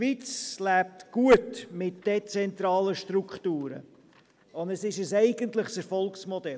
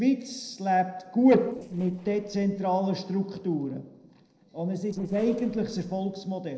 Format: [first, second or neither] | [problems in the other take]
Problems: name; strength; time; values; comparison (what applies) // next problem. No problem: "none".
first | noise reduction (neural separator model SepFormer DNS4)